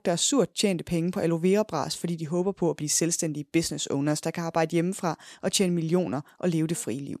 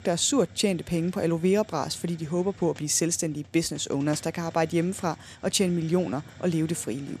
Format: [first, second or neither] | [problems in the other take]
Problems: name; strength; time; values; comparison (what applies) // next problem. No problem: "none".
first | hiss; faint; throughout; 20 dB below the speech